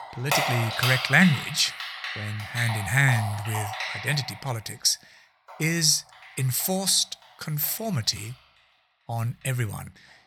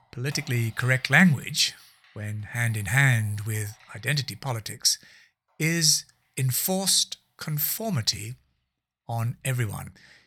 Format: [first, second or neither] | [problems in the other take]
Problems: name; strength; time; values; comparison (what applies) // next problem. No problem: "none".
second | household noises; loud; throughout; 5 dB below the speech; faint in the second